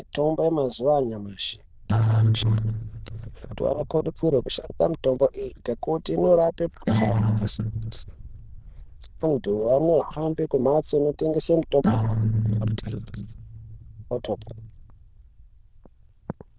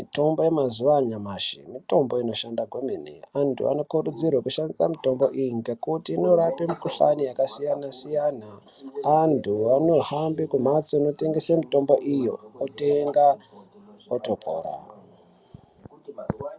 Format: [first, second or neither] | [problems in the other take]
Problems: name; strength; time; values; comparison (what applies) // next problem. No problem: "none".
second | noise reduction (neural diffusion model UNIVERSE++)